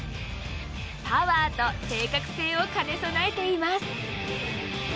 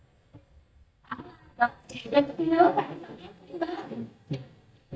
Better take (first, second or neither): first